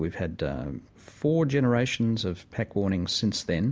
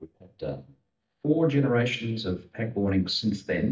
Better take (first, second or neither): first